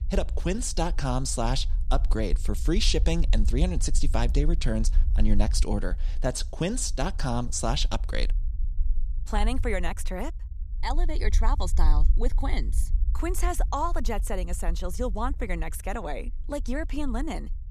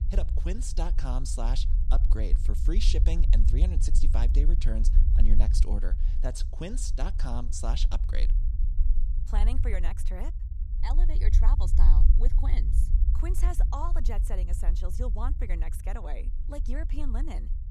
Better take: first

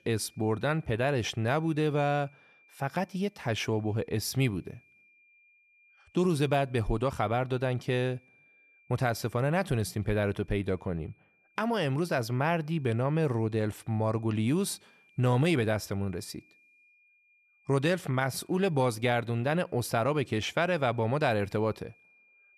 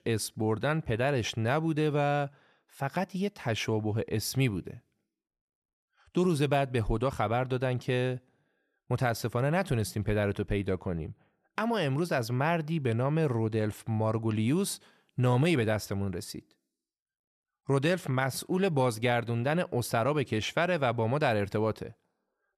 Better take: second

